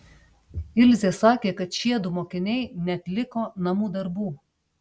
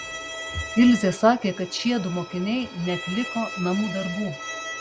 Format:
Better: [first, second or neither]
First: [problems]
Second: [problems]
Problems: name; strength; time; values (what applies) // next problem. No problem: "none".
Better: first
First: none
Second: background sound (Bowed string instrument); 11 dB below the speech